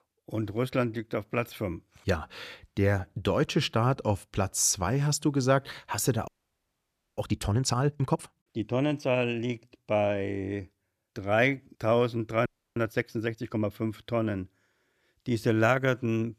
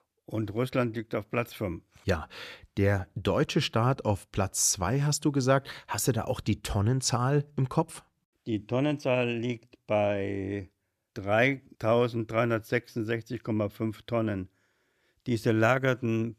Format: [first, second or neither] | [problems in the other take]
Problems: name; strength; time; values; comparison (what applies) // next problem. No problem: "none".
second | audio freezing; at 6.5 s for 1 s and at 12 s